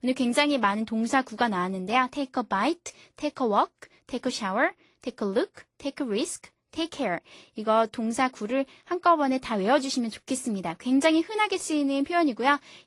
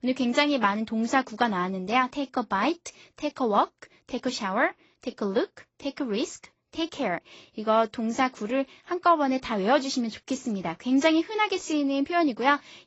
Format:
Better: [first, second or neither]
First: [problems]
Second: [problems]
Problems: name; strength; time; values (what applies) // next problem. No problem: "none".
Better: first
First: garbled, watery; slightly; nothing above 14.5 kHz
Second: garbled, watery; badly; nothing above 7.5 kHz